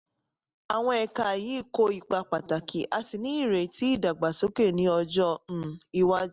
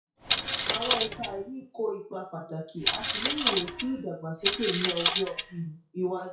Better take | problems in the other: first | noise reduction (classical method WPE with log-MMSE)

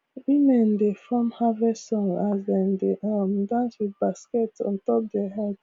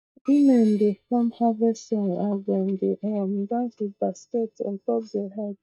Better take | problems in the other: first | noise reduction (neural mask model DeepFilterNet 3)

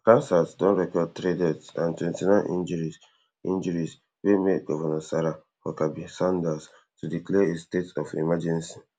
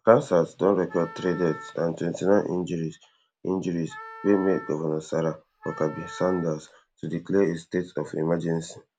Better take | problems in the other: first | background sound (Wind instrument, woodwind instrument); 17 dB below the speech

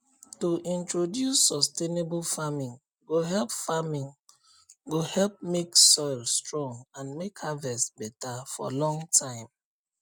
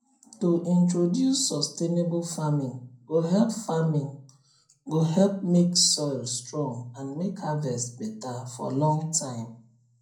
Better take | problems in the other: first | room echo; dies away in 0.6 s

